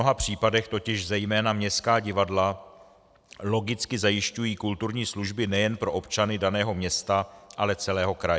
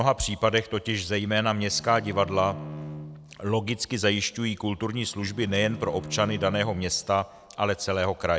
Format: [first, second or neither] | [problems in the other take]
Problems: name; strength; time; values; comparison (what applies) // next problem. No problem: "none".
first | background sound (Bowed string instrument); 15 dB below the speech